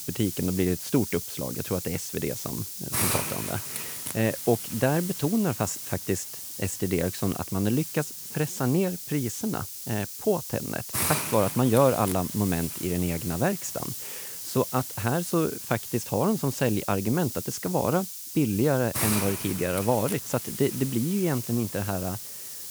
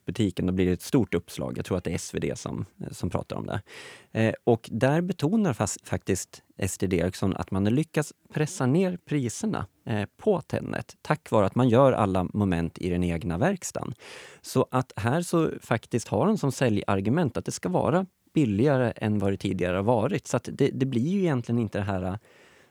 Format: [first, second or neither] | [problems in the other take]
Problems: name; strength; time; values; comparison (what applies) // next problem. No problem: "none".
second | hiss; loud; throughout; 4 dB below the speech